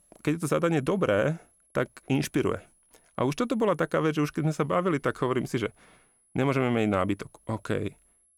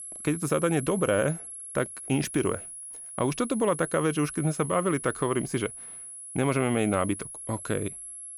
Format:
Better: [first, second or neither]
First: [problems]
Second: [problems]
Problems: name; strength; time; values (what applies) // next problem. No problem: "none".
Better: first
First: high-pitched whine; faint; throughout; 10.5 kHz, 35 dB below the speech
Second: high-pitched whine; loud; throughout; 10.5 kHz, 10 dB below the speech